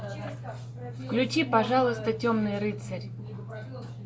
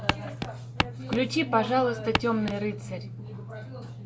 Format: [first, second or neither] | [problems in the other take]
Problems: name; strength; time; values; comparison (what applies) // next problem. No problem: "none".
first | background sound (Walk, footsteps); 2 dB below the speech